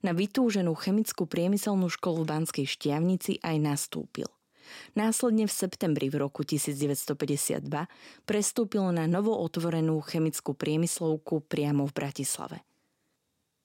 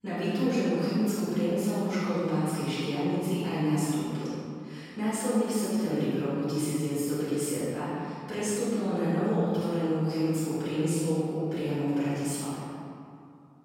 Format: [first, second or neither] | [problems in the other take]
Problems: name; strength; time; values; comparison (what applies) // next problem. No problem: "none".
first | off-mic speech; far // room echo; strong; dies away in 2.3 s